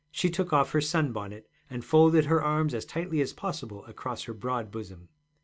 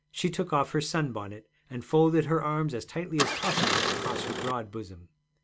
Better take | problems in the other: first | background sound (Engine starting); as loud as the speech

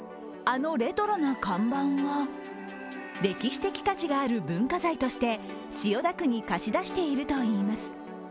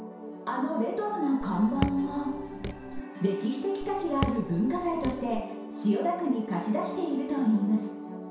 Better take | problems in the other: first | background sound (Raindrop / Drip); 8 dB below the speech // room echo; dies away in 0.7 s

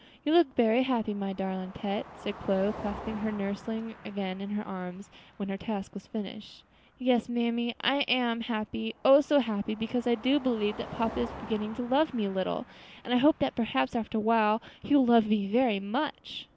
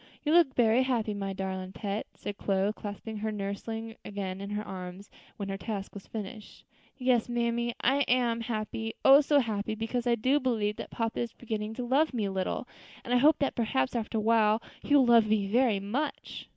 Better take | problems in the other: second | background sound (Car passing by); 19 dB below the speech

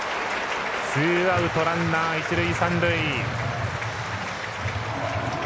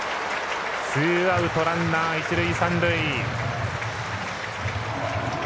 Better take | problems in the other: second | background sound (Gunshot, gunfire); 13 dB below the speech

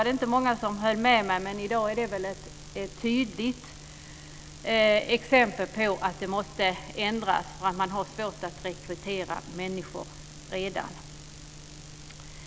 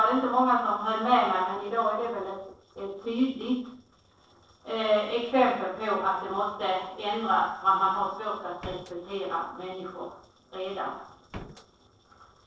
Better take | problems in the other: first | noise reduction (neural separator model SepFormer DNS4)

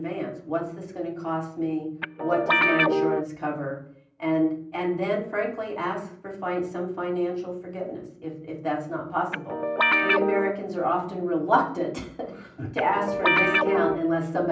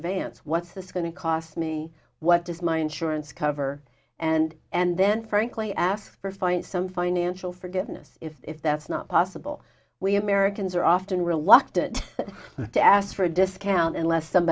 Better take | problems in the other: second | background sound (Guitar); 5 dB above the speech // room echo; dies away in 0.6 s

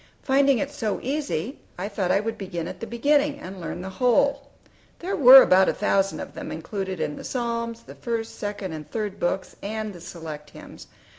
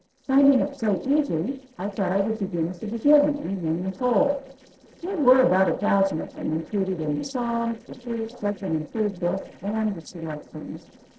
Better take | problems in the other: first | noise reduction (neural separator model SepFormer DNS4)

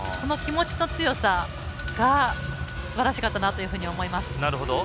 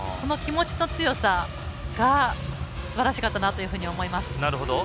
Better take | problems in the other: second | background sound (Doorbell); 17 dB below the speech

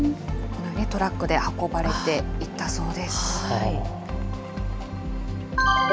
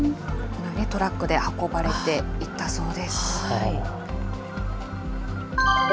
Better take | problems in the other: first | background sound (Fowl); 18 dB below the speech

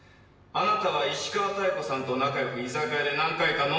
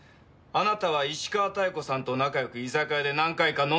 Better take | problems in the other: second | room echo; dies away in 1.1 s

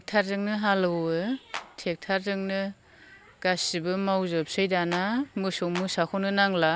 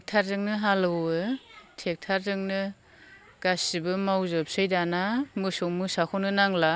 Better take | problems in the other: second | background sound (Clapping); 13 dB below the speech

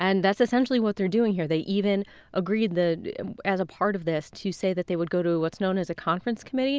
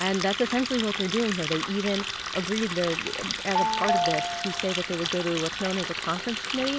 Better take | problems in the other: first | background sound (Telephone + Water tap, faucet); 1 dB below the speech

